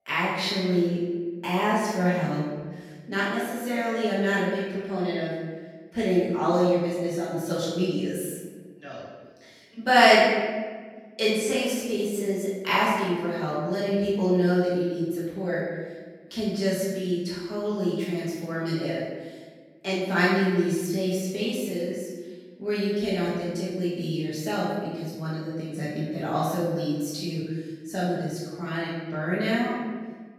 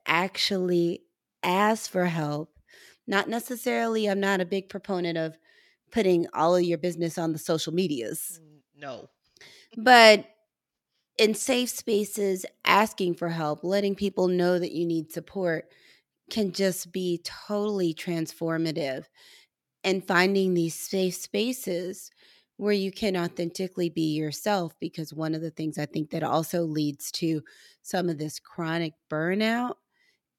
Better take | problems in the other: second | room echo; strong; dies away in 1.3 s // off-mic speech; far

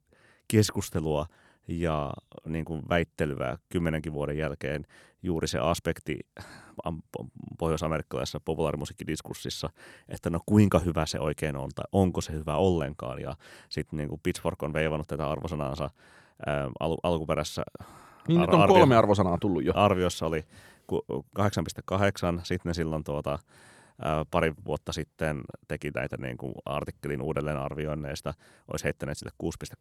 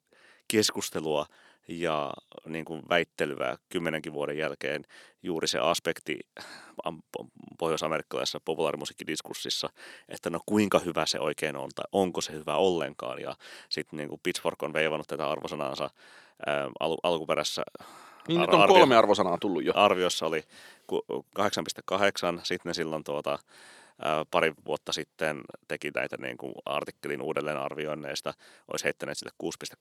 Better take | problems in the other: first | thin; somewhat; fading below 300 Hz

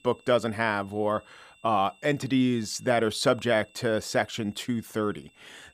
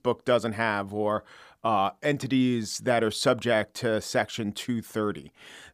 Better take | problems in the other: second | high-pitched whine; faint; throughout; 2.5 kHz, 30 dB below the speech

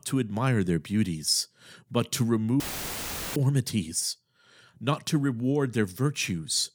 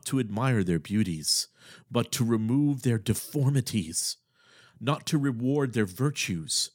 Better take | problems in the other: second | audio cutting out; filled with static; at 2.5 s for 1 s

